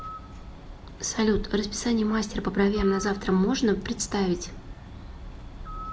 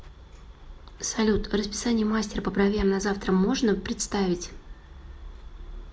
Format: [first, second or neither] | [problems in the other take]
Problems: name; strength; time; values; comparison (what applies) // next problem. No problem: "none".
second | background sound (Bird); 15 dB below the speech